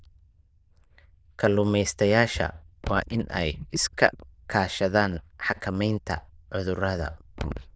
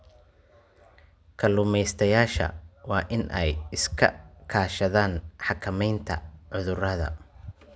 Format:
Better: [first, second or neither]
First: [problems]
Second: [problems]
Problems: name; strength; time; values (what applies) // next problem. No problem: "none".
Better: second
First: noise reduction (neural diffusion model UNIVERSE++)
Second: none